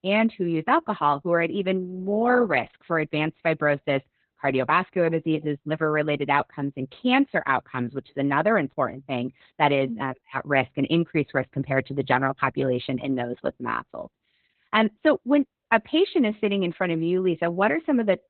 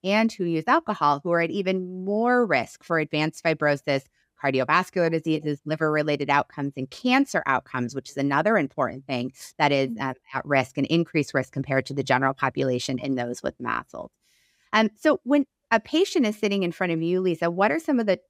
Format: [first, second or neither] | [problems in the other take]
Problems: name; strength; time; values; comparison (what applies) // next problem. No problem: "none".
second | garbled, watery; badly; nothing above 4 kHz